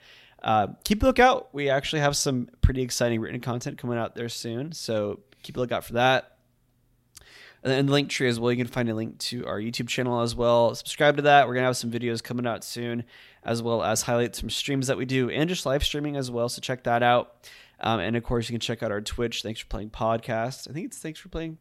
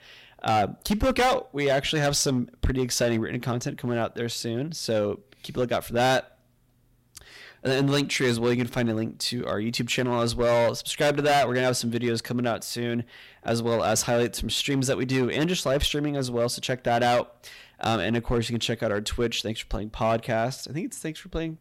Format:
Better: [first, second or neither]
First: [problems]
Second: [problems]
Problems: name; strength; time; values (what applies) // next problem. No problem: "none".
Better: first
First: none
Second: distortion; heavy; 7% of the sound clipped